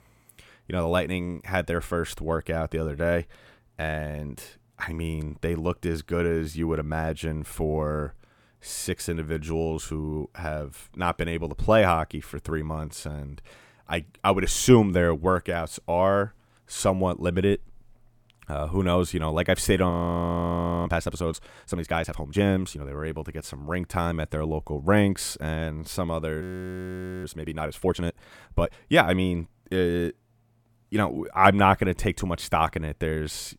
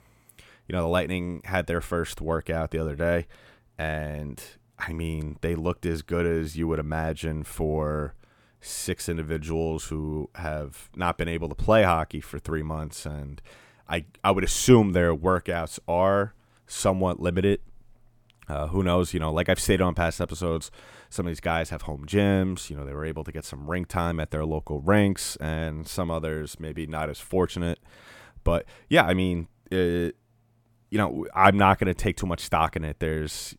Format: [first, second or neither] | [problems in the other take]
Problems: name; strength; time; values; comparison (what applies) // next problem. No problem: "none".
second | audio freezing; at 20 s for 1 s and at 26 s for 1 s